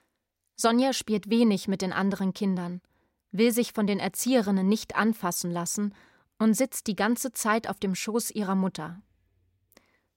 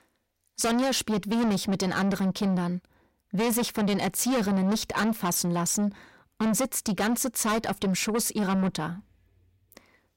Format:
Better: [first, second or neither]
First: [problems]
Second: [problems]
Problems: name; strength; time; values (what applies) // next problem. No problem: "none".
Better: first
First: none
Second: distortion; heavy; 6 dB below the speech